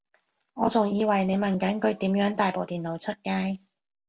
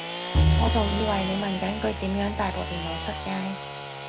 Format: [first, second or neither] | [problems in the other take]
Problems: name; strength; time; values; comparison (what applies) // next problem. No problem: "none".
first | background sound (Bowed string instrument + Sawing / Engine); 2 dB above the speech